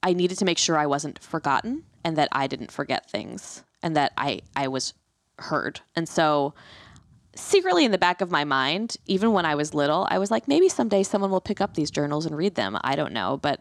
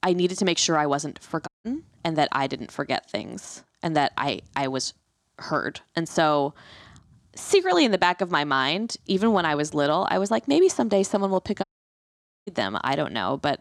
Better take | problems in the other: first | audio cutting out; at 1.5 s and at 12 s for 1 s

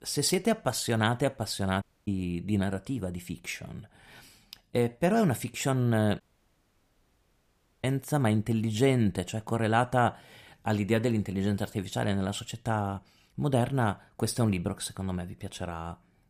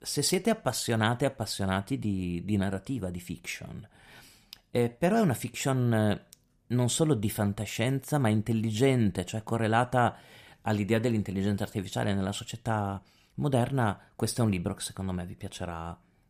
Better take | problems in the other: second | audio cutting out; at 2 s and at 6 s for 1.5 s

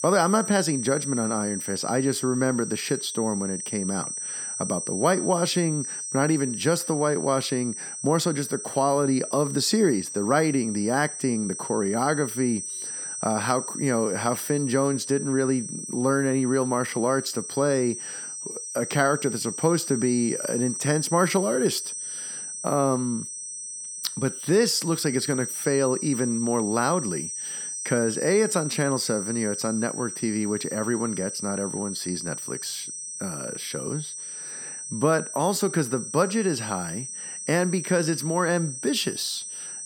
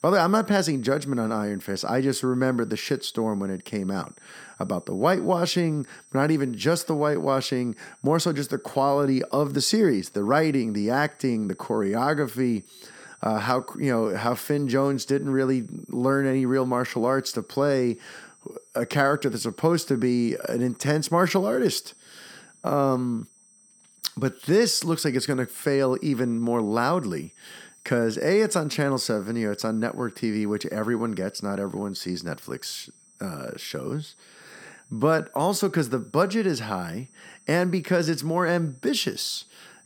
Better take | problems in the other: second | high-pitched whine; loud; throughout; 8.5 kHz, 6 dB below the speech; faint in the second

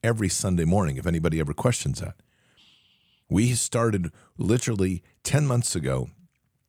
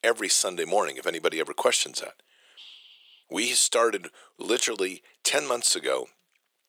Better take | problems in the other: first | thin; very; fading below 400 Hz

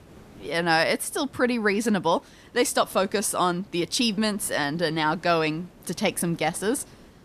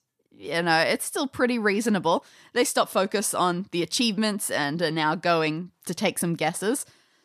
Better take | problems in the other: second | hiss; faint; throughout; 25 dB below the speech

